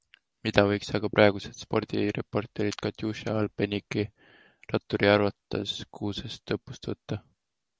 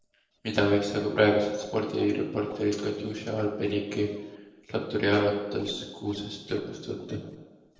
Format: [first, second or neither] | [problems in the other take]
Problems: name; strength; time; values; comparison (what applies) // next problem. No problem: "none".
first | noise reduction (neural separator model SepFormer DNS4)